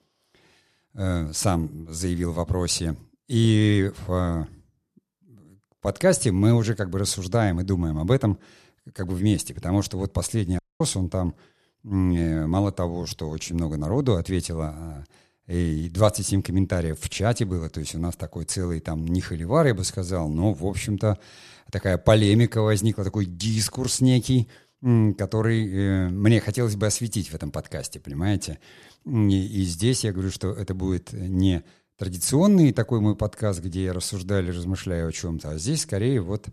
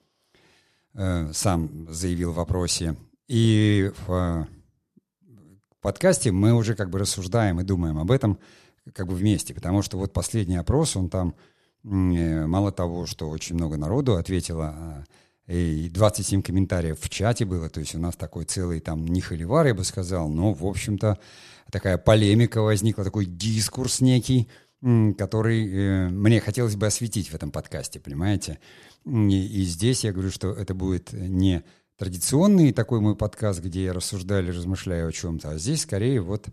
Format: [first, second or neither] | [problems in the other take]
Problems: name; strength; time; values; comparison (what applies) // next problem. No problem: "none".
second | audio cutting out; at 11 s